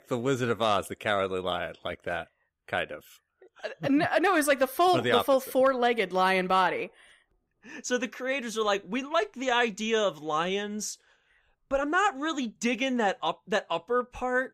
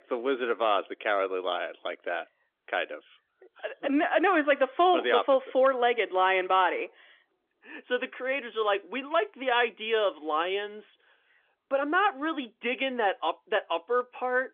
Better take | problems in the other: first | phone-call audio; nothing above 3.5 kHz

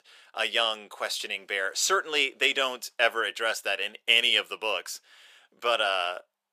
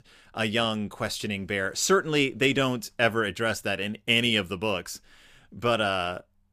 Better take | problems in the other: second | thin; very; fading below 500 Hz

